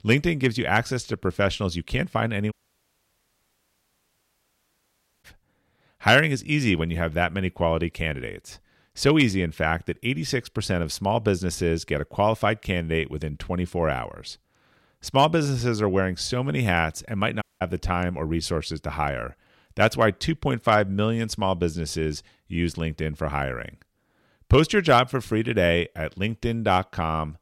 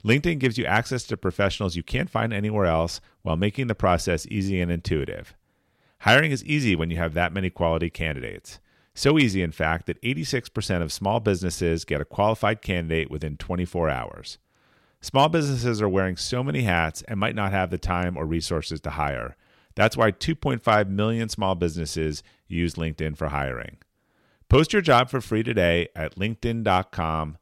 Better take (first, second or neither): second